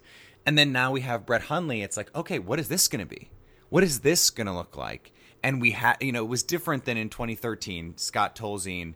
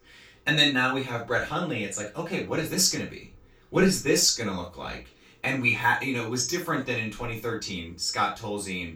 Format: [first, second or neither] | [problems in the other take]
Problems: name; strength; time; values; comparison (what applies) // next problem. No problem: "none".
first | room echo; noticeable; dies away in 0.2 s // off-mic speech; far